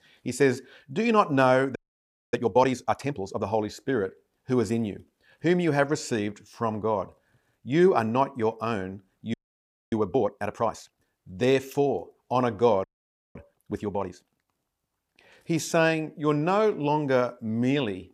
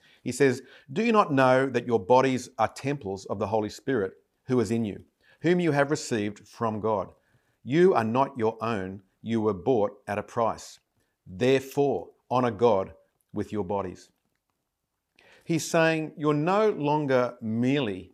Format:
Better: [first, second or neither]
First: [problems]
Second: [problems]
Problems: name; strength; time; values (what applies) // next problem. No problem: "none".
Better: second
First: audio freezing; at 2 s for 0.5 s, at 9.5 s for 0.5 s and at 13 s for 0.5 s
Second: none